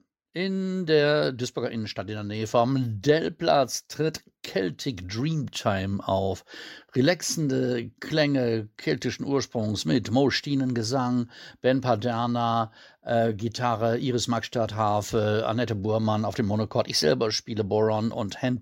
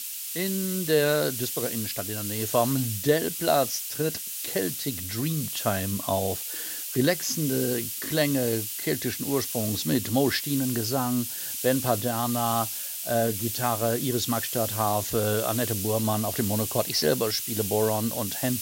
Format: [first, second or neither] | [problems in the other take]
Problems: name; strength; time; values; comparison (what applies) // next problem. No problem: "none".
first | hiss; loud; throughout; 3 dB below the speech